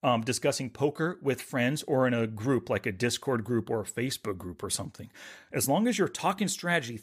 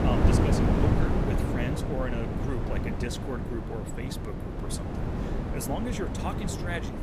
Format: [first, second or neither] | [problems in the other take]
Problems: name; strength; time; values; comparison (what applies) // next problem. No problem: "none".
first | wind noise on the microphone; heavy; 2 dB above the speech